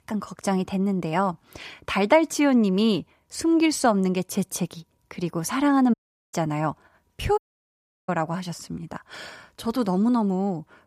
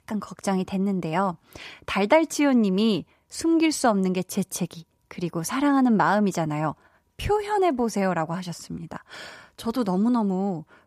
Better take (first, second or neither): second